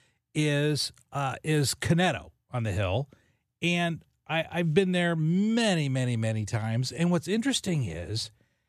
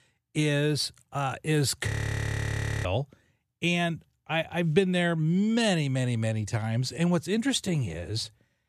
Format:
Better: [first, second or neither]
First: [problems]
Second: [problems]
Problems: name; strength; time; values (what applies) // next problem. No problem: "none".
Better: first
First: none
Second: audio freezing; at 2 s for 1 s